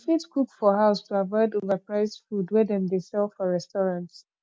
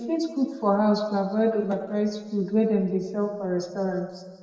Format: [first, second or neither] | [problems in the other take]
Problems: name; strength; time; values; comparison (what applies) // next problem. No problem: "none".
first | room echo; dies away in 1.3 s